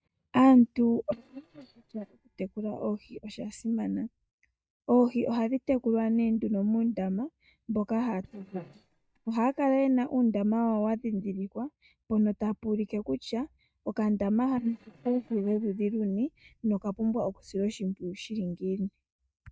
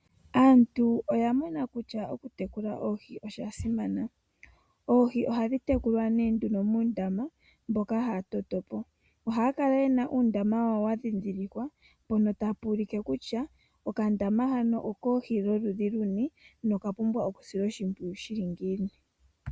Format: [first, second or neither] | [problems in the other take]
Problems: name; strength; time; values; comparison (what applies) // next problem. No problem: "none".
second | noise reduction (neural mask model DeepFilterNet 3)